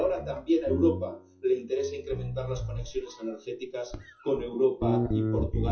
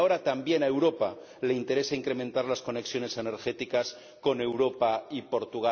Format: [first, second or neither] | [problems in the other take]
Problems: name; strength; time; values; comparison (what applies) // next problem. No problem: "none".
second | noise reduction (classical method WPE with log-MMSE)